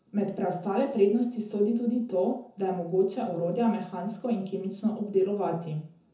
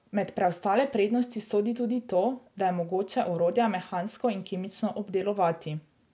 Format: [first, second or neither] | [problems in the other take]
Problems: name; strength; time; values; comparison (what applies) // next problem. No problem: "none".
second | room echo; dies away in 0.5 s